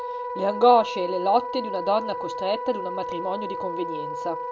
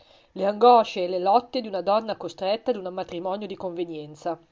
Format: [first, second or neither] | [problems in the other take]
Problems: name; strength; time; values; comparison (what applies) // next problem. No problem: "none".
second | background sound (Wind instrument, woodwind instrument); 6 dB below the speech